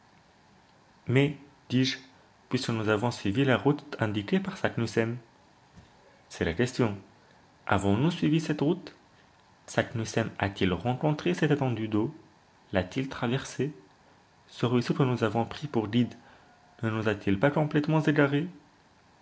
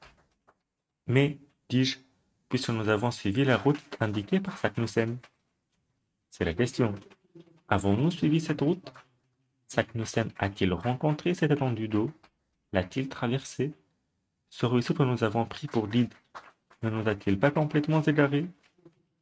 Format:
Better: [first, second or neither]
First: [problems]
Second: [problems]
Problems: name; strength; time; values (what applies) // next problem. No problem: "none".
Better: first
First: none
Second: noise reduction (neural mask model RNNoise)